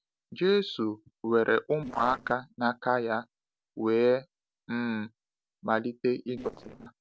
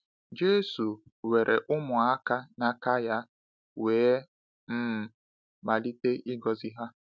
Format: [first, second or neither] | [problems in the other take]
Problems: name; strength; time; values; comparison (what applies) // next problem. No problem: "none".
second | noise reduction (neural separator model SepFormer DNS4)